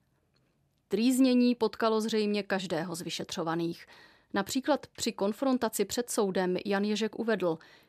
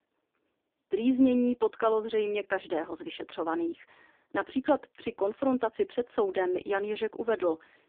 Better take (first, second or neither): first